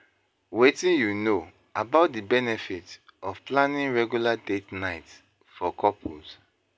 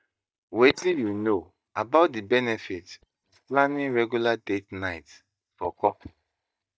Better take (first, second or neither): first